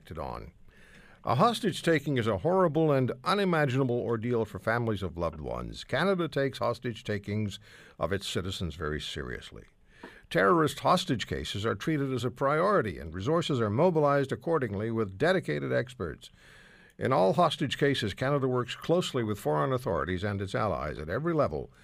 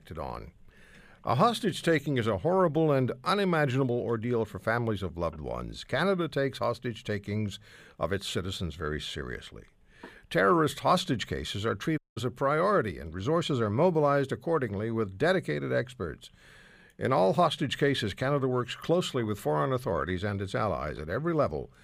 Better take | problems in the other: first | audio cutting out; at 12 s

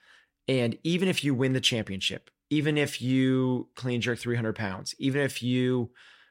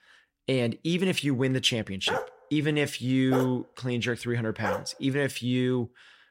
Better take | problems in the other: first | dog barking; noticeable; from 2 to 5 s; peak 5 dB below the speech

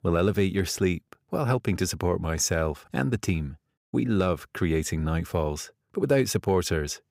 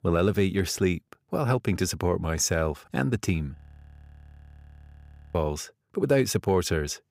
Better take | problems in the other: first | audio freezing; at 3.5 s for 2 s

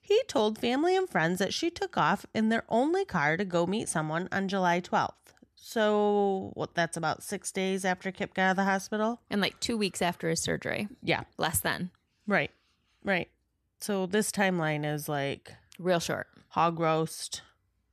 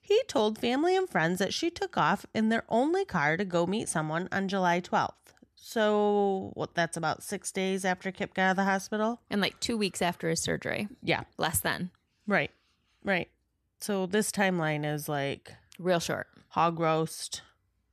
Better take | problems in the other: neither | none

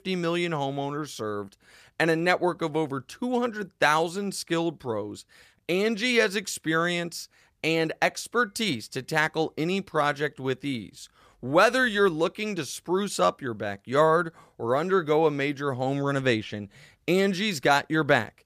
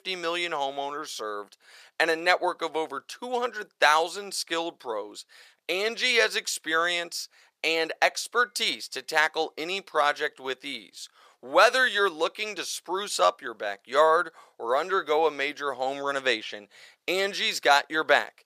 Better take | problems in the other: first | thin; very; fading below 600 Hz

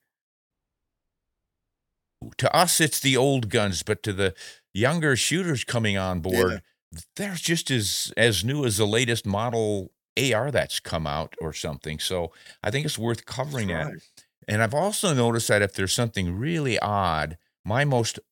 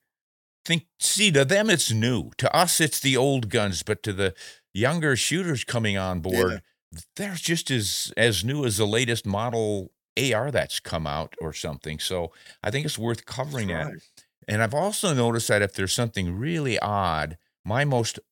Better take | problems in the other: second | audio cutting out; at 0.5 s for 1.5 s

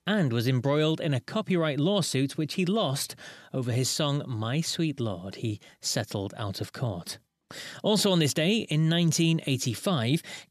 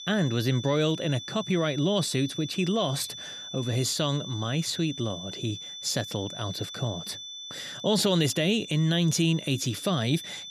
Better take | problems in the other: first | high-pitched whine; noticeable; throughout; 3.5 kHz, 10 dB below the speech

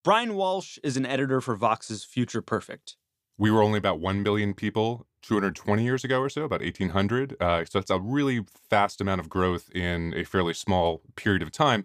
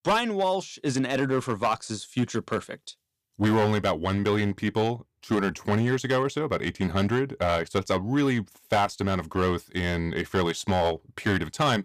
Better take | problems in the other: first | distortion; slight; 5% of the sound clipped

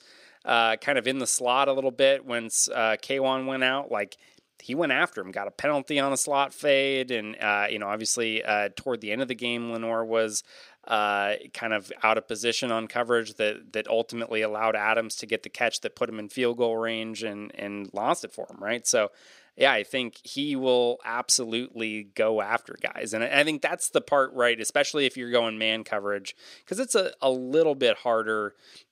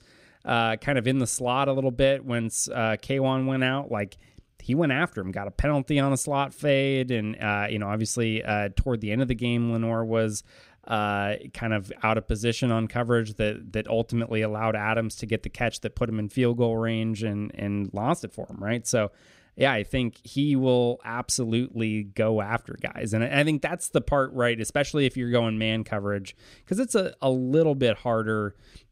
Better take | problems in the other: second | thin; somewhat; fading below 400 Hz

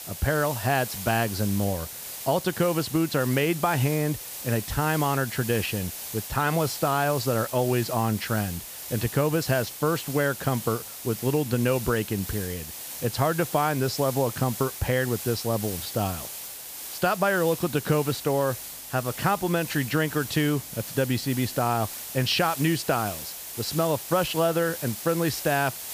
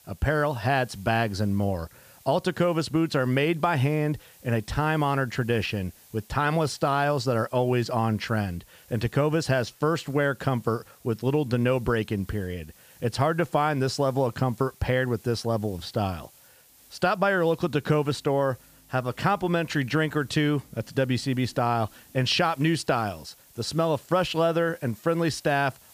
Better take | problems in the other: second | hiss; loud; throughout; 8 dB below the speech; faint in the second

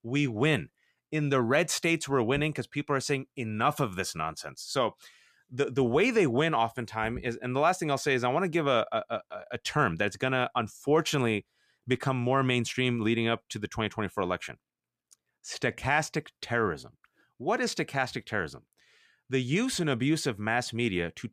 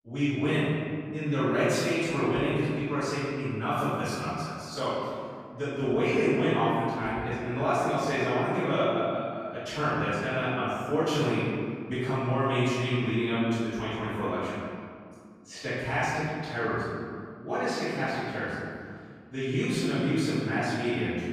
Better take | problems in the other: first | off-mic speech; far // room echo; strong; dies away in 2 s

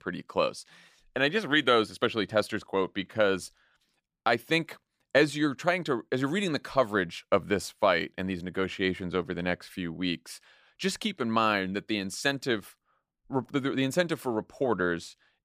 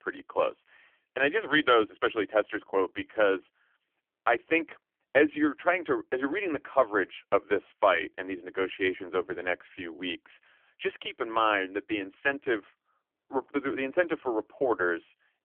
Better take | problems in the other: first | phone-call audio; poor line; nothing above 3.5 kHz

